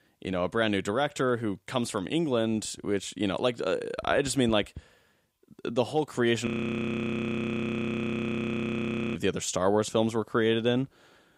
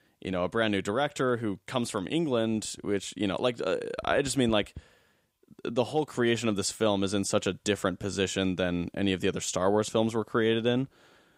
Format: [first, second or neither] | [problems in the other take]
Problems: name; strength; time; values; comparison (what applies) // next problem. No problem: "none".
second | audio freezing; at 6.5 s for 2.5 s